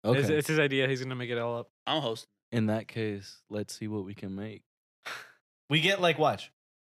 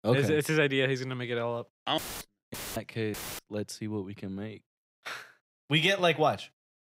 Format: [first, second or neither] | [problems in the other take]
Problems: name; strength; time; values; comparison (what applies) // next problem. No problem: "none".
first | audio cutting out; filled with static; at 2 s, at 2.5 s and at 3 s